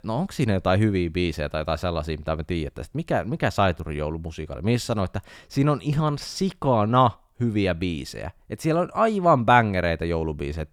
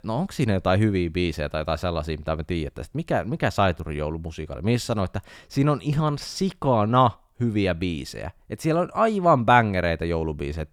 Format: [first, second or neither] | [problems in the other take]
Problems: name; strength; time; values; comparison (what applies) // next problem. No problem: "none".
neither | none